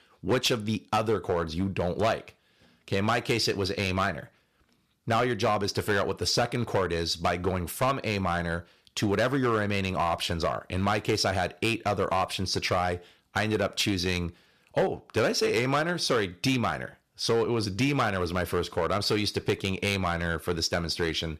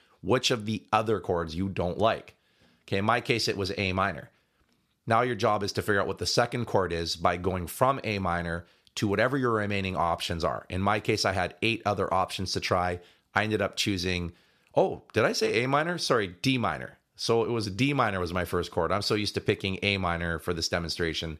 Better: second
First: distortion; slight; 5% of the sound clipped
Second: none

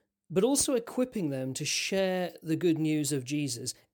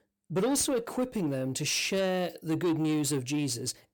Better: first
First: none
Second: distortion; slight; 10 dB below the speech

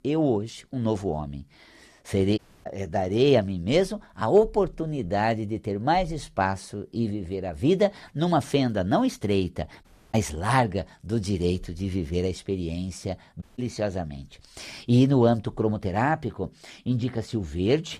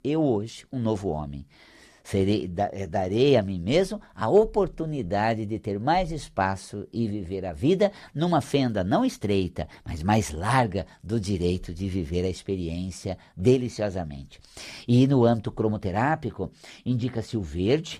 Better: second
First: audio cutting out; at 2.5 s, at 10 s and at 13 s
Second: none

